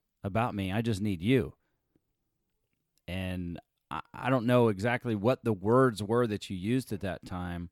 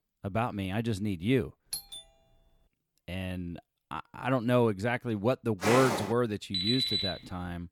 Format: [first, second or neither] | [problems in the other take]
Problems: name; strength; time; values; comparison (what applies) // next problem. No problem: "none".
first | doorbell; noticeable; at 1.5 s; peak 7 dB below the speech // footsteps; loud; at 5.5 s; peak 2 dB above the speech // alarm; loud; at 6.5 s; peak 3 dB above the speech